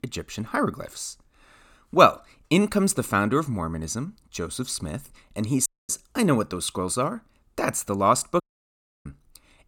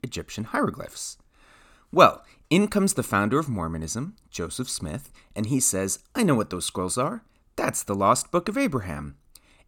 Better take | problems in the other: second | audio cutting out; at 5.5 s and at 8.5 s for 0.5 s

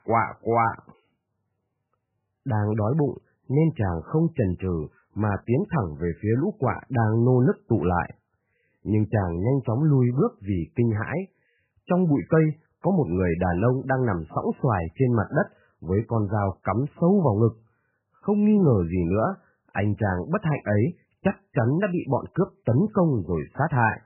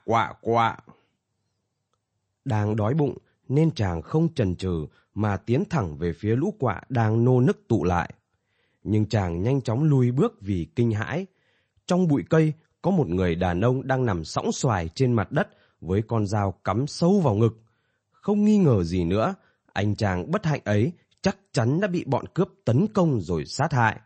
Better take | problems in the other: second | garbled, watery; badly; nothing above 3 kHz; slightly in the second

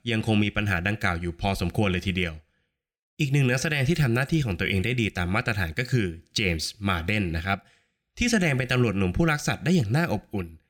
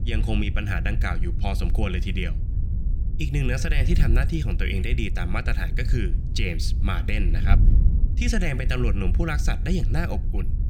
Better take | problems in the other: first | wind noise on the microphone; occasional gusts; 10 dB below the speech

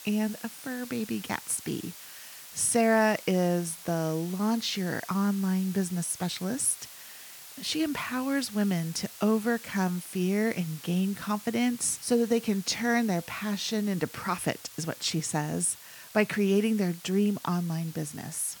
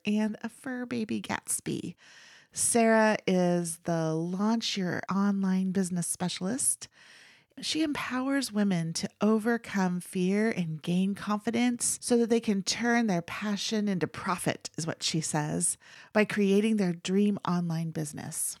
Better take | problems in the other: second | hiss; noticeable; throughout; 15 dB below the speech

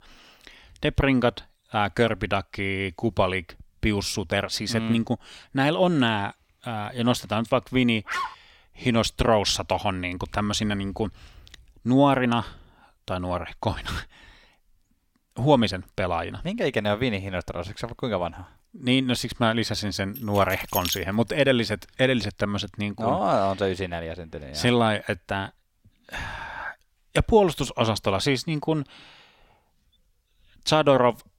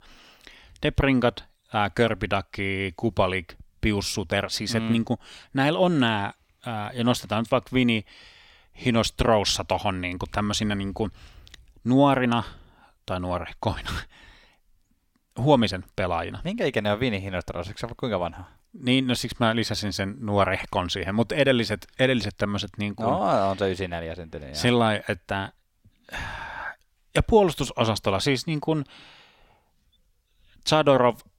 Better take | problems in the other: second | dog barking; noticeable; at 8 s; peak 5 dB below the speech // jangling keys; noticeable; at 20 s; peak 4 dB below the speech

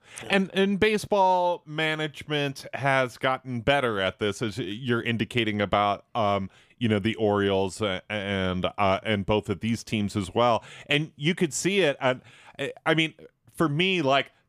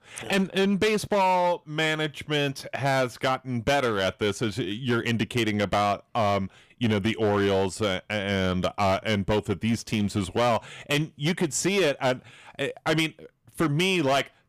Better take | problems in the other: first | distortion; slight; 9% of the sound clipped

